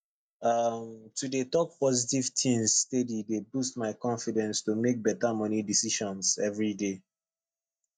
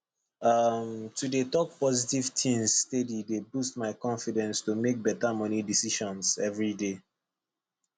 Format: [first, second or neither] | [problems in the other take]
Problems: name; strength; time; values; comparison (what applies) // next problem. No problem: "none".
second | noise reduction (neural mask model DeepFilterNet 3)